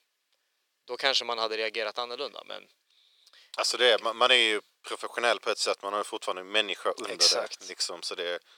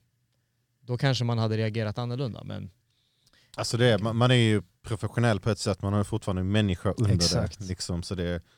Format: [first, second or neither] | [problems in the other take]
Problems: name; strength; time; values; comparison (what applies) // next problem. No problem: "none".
second | thin; very; fading below 450 Hz